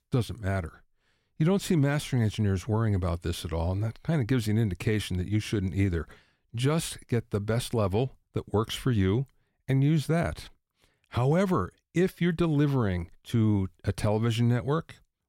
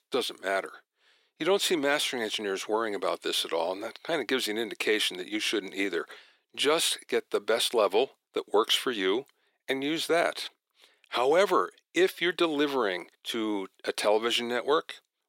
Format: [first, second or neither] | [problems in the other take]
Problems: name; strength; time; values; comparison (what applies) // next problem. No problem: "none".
first | thin; very; fading below 350 Hz